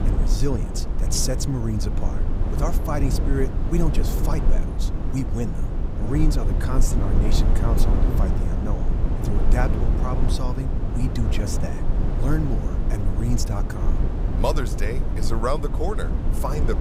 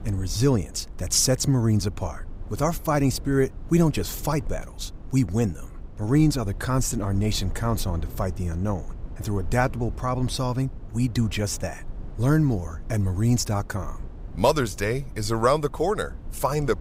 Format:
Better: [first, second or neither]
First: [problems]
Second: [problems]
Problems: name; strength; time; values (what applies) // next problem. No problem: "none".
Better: second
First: low rumble; loud; throughout; 4 dB below the speech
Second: low rumble; faint; throughout; 25 dB below the speech